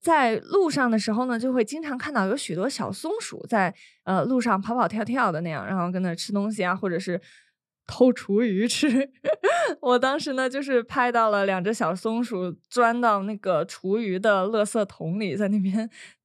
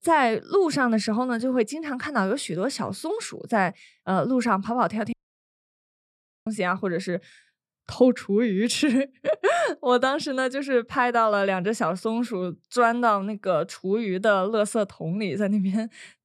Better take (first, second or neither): first